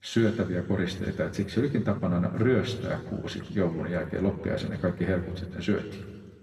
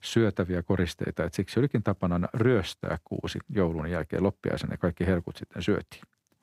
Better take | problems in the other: second | room echo; noticeable; dies away in 1.6 s // off-mic speech; somewhat distant

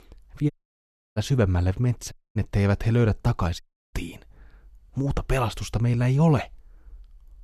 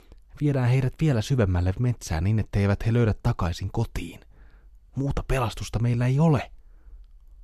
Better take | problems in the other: second | audio cutting out; at 0.5 s for 0.5 s, at 2 s and at 3.5 s

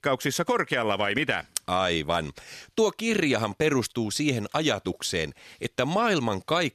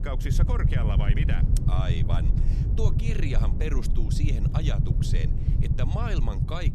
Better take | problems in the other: first | low rumble; loud; throughout; 2 dB below the speech

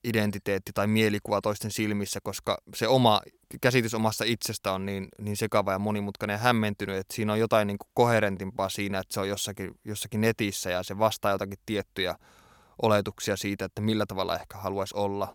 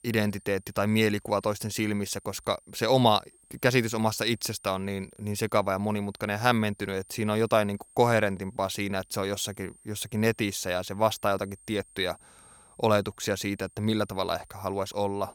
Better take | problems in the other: first | high-pitched whine; faint; throughout; 9 kHz, 25 dB below the speech

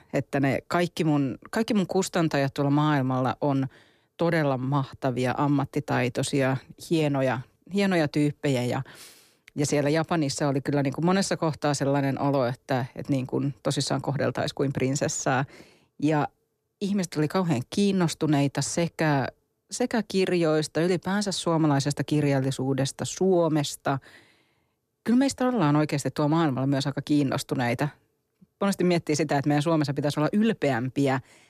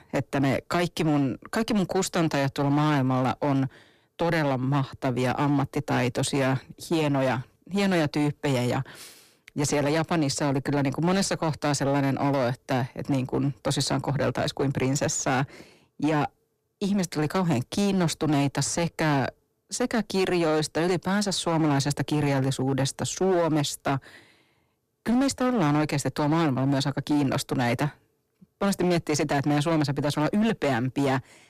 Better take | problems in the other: first | distortion; slight; 14% of the sound clipped

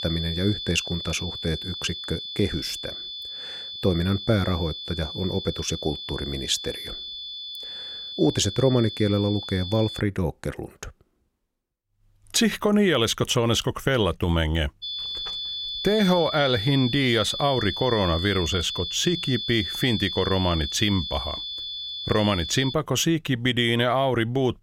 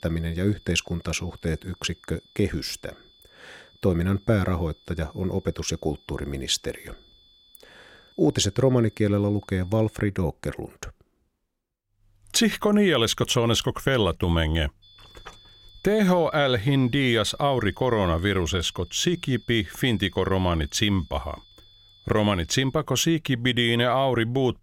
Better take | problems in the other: second | high-pitched whine; loud; until 10 s and from 15 to 23 s; 3.5 kHz, 7 dB below the speech; faint in the second

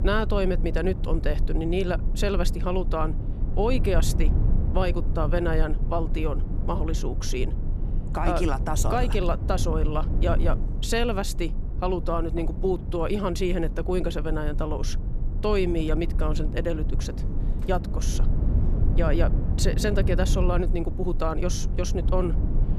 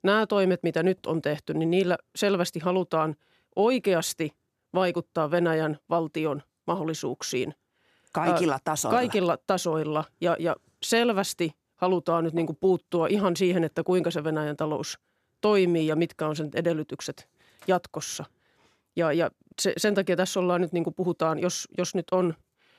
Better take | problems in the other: second | low rumble; noticeable; throughout; 10 dB below the speech

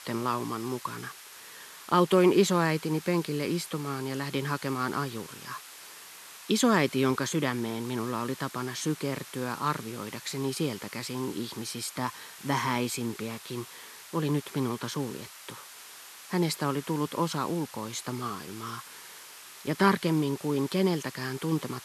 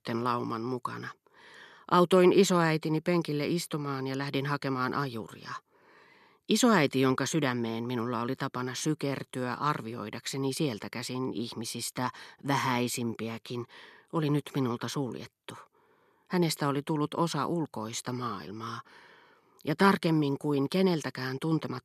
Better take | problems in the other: second | hiss; noticeable; throughout; 15 dB below the speech

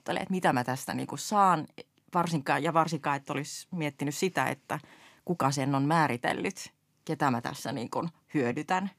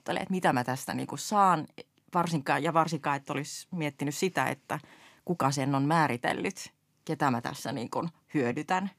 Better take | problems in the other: neither | none

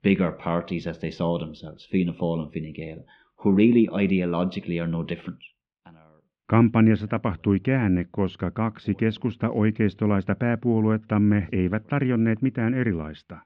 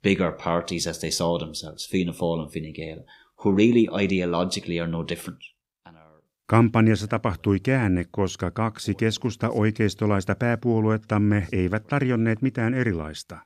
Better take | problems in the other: second | muffled; very; fading above 3 kHz

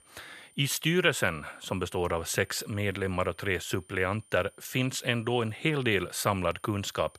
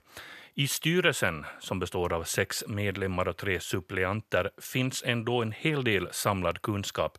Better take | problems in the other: second | high-pitched whine; faint; throughout; 9 kHz, 30 dB below the speech

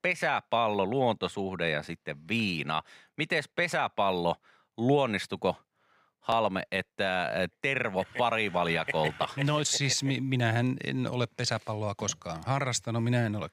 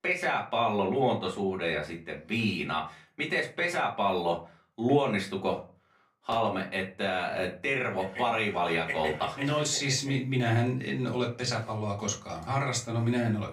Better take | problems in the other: first | off-mic speech; far // room echo; very slight; dies away in 0.3 s

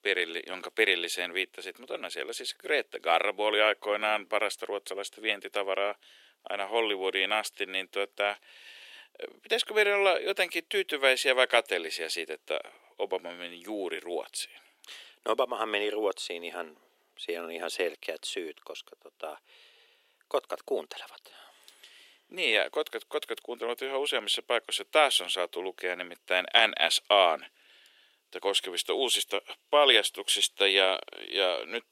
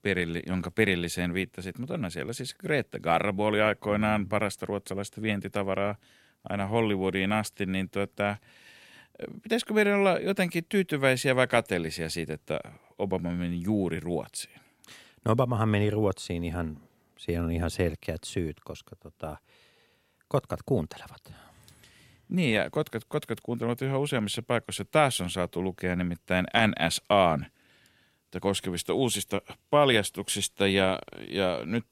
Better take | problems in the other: second | thin; very; fading below 350 Hz

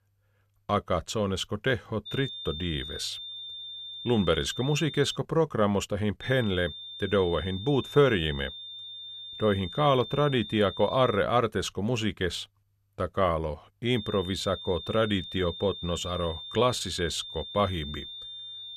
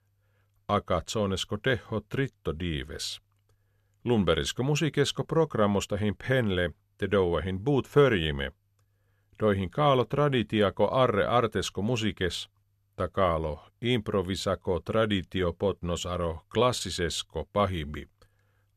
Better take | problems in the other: second | high-pitched whine; noticeable; from 2 to 5 s, from 6 to 11 s and from 14 s on; 3.5 kHz, 10 dB below the speech

